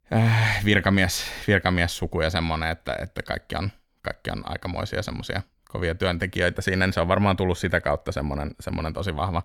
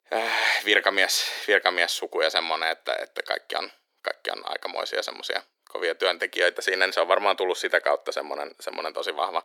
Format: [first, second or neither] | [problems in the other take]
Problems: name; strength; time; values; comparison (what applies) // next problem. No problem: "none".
first | thin; very; fading below 350 Hz